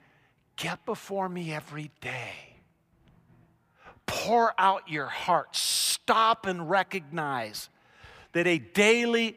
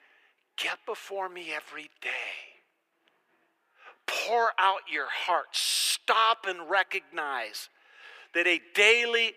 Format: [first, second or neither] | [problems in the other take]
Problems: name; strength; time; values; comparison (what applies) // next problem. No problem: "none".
first | thin; very; fading below 350 Hz